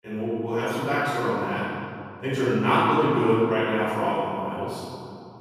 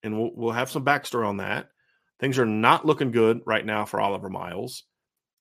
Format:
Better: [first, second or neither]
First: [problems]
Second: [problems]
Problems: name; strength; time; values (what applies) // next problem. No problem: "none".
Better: second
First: off-mic speech; far // room echo; strong; dies away in 2.4 s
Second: none